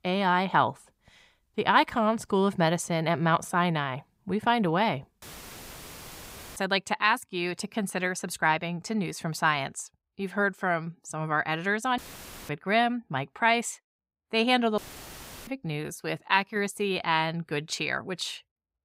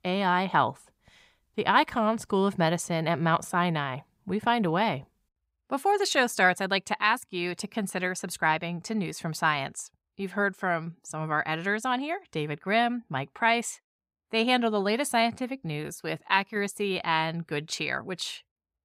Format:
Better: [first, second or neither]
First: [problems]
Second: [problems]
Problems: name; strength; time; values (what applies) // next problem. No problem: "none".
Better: second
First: audio cutting out; filled with static; at 5 s for 1.5 s, at 12 s for 0.5 s and at 15 s for 0.5 s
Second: none